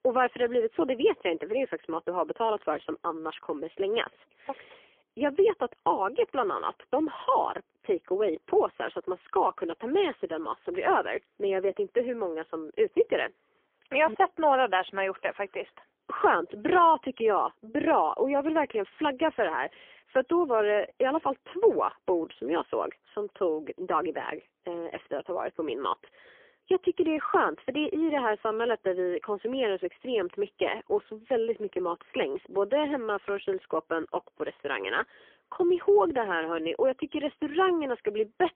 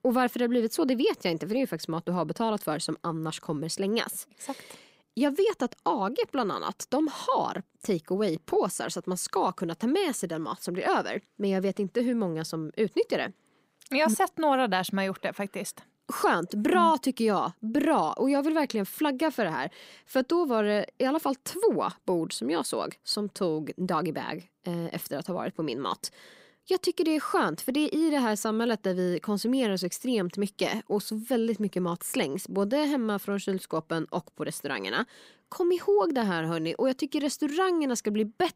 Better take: second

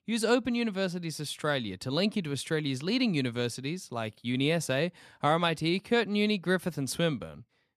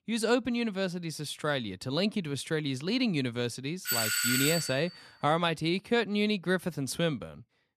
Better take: first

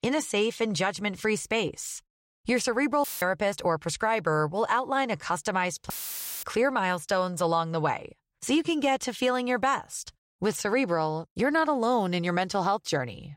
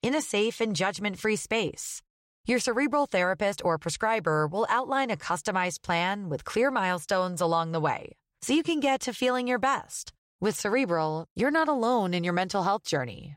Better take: second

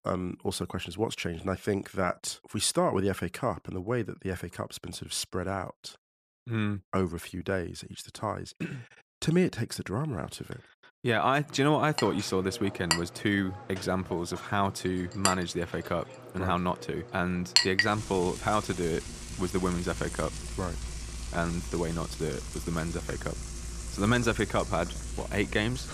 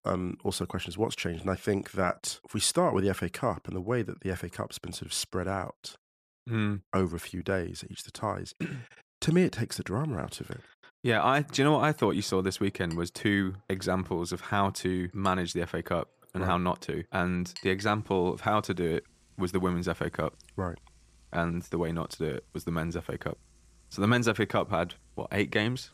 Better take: second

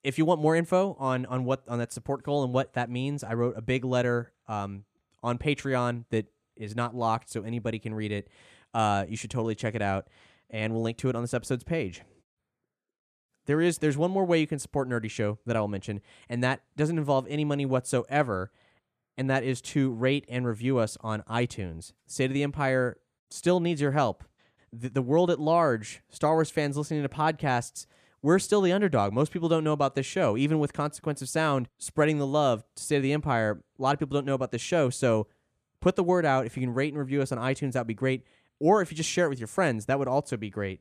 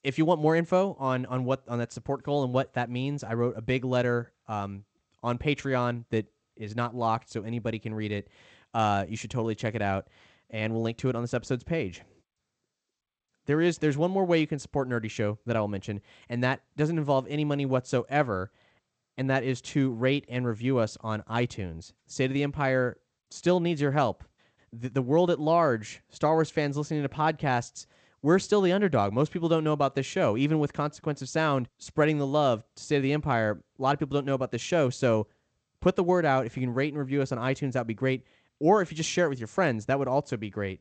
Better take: first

